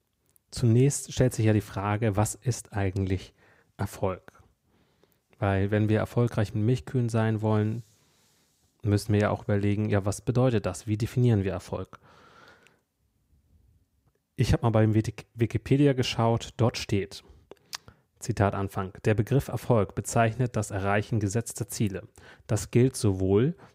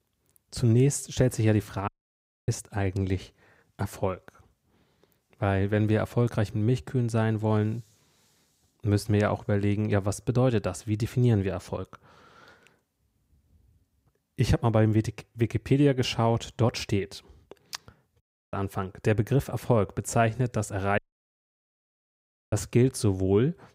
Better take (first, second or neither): first